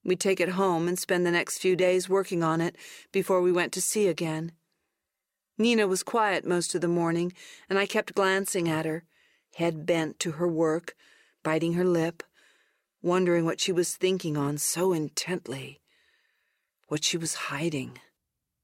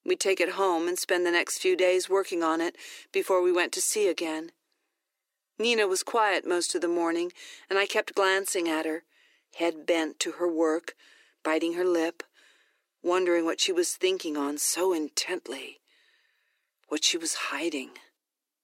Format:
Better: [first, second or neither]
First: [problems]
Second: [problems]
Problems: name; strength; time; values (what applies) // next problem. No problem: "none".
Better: first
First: none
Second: thin; somewhat; fading below 300 Hz